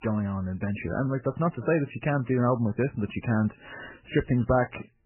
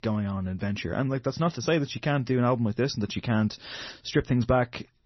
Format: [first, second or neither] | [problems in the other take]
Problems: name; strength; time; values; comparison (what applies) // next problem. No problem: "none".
second | garbled, watery; badly; nothing above 3 kHz; slightly in the second